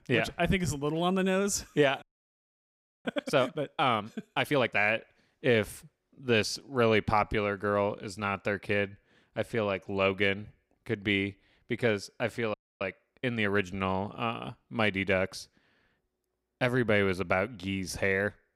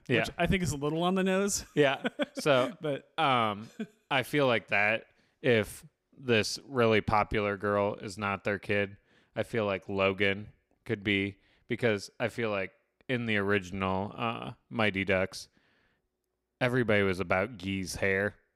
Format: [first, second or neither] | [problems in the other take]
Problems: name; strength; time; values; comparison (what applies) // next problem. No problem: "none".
second | audio freezing; at 2 s for 1 s and at 13 s